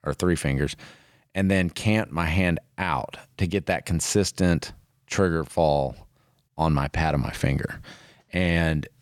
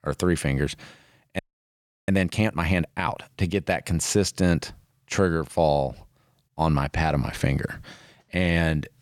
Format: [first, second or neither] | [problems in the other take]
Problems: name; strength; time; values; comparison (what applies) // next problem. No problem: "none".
first | audio freezing; at 1.5 s for 0.5 s